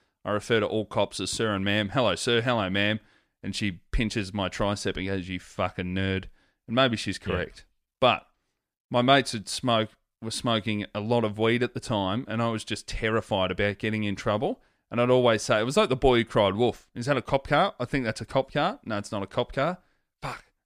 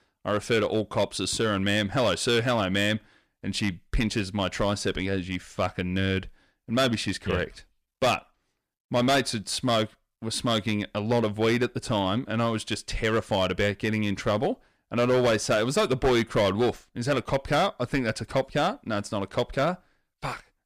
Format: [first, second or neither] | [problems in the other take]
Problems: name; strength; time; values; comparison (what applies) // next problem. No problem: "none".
first | distortion; slight; 6% of the sound clipped